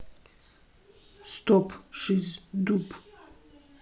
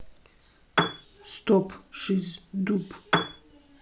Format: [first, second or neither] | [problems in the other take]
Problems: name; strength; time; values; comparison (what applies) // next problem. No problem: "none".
first | background sound (Piano); 5 dB above the speech